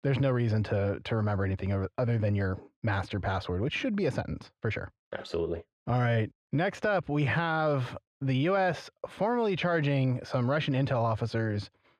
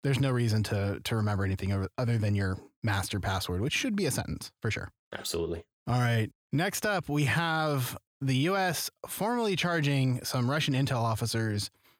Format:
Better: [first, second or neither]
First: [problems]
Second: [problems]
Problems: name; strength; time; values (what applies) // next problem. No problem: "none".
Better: second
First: muffled; slightly; fading above 2.5 kHz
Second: none